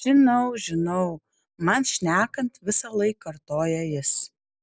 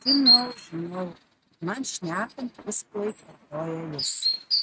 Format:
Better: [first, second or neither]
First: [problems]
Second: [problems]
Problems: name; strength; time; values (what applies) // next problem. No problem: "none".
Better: first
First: none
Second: noise reduction (neural mask model RNNoise)